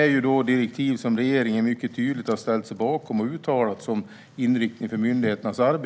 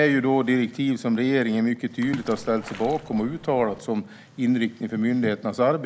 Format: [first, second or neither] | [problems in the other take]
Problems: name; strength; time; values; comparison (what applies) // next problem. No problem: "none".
first | background sound (Splash, splatter); 15 dB below the speech